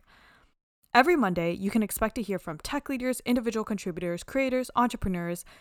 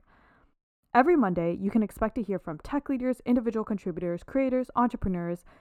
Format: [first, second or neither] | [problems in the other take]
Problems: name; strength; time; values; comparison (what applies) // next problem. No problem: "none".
first | muffled; very; fading above 2 kHz